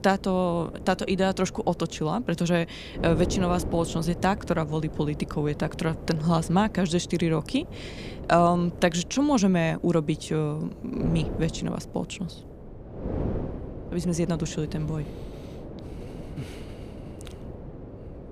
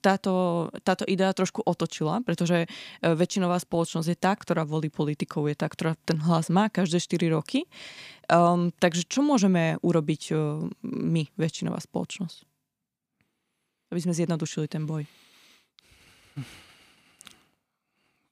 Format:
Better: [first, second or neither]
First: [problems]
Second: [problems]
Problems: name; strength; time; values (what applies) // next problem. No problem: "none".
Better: second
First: wind noise on the microphone; occasional gusts; 15 dB below the speech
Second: none